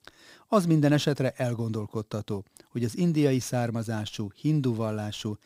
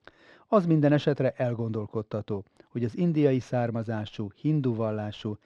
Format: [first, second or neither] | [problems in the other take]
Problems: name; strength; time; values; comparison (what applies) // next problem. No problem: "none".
first | muffled; slightly; fading above 3 kHz